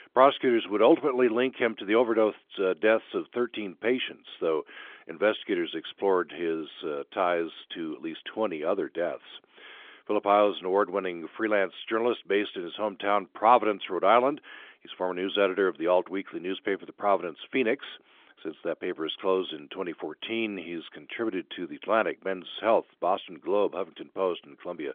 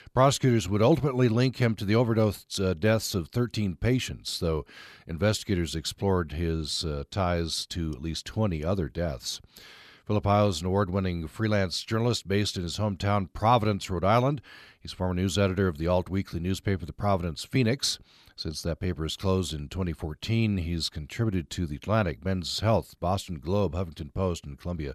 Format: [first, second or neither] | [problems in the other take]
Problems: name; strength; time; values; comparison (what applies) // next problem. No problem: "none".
second | phone-call audio; nothing above 3.5 kHz